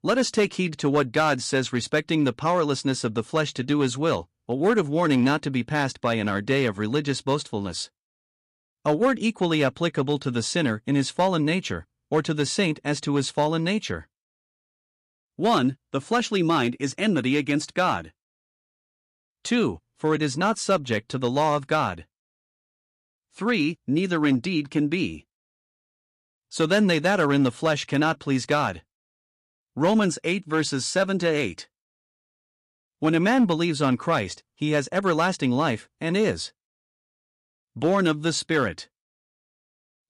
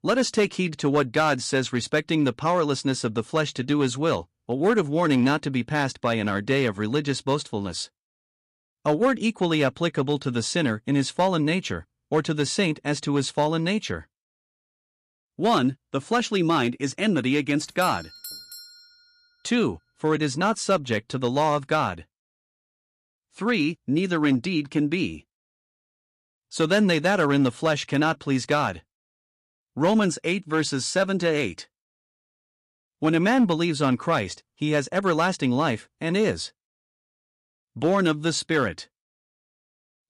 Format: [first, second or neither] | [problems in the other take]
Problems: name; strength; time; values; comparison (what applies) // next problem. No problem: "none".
first | doorbell; faint; from 18 to 19 s; peak 15 dB below the speech